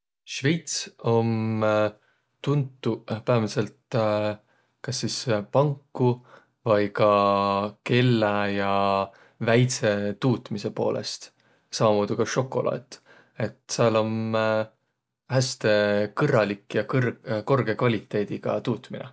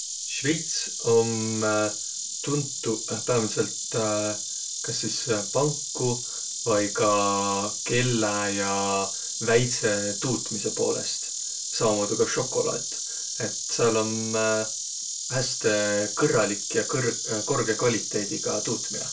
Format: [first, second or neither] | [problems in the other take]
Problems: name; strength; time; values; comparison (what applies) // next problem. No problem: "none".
first | background sound (Insect); 4 dB below the speech // room echo; dies away in 0.2 s